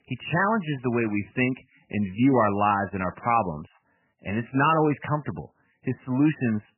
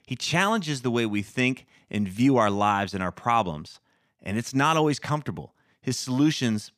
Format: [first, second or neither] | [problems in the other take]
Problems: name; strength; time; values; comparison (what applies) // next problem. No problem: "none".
second | garbled, watery; badly; nothing above 3 kHz